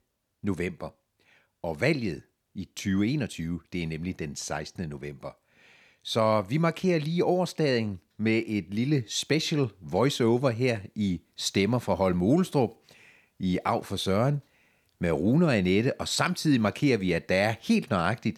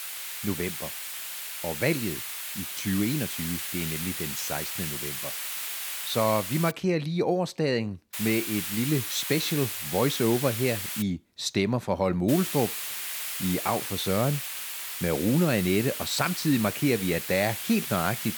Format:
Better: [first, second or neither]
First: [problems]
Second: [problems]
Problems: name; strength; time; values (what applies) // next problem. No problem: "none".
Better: first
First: none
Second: hiss; loud; until 6.5 s, from 8 to 11 s and from 12 s on; 4 dB below the speech